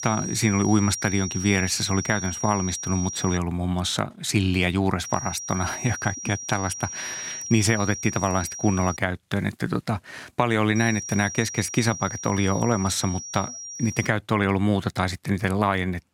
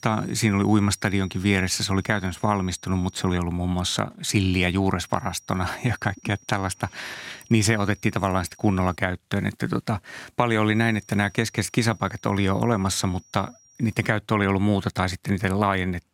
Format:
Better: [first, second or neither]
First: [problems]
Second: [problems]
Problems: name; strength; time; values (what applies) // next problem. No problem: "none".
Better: second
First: high-pitched whine; loud; until 3.5 s, from 5 to 9 s and from 11 to 14 s; 5.5 kHz, 8 dB below the speech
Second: high-pitched whine; faint; until 3.5 s, from 5 to 9 s and from 11 to 14 s; 5.5 kHz, 25 dB below the speech